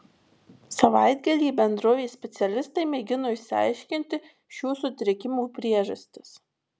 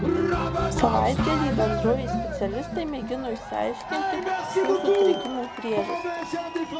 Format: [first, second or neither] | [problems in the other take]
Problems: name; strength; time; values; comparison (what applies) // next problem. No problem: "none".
first | background sound (Cheering); 3 dB above the speech